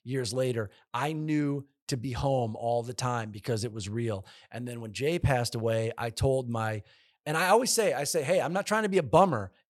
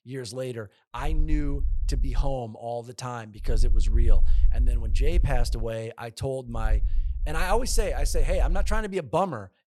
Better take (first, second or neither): first